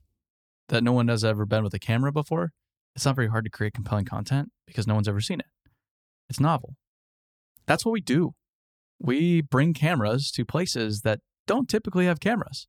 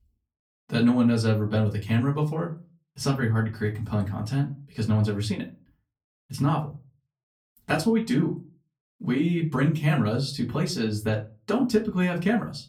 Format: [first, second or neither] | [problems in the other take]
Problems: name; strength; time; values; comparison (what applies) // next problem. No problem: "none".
first | off-mic speech; far // room echo; very slight; dies away in 0.3 s